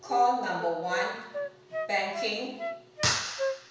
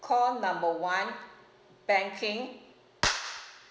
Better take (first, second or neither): second